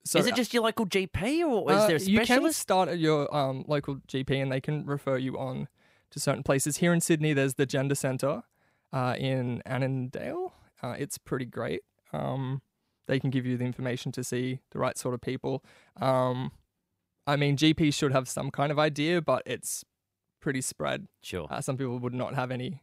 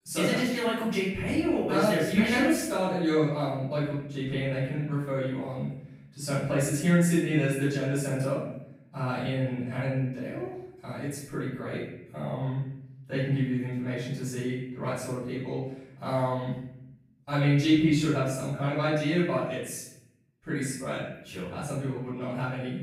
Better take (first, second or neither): first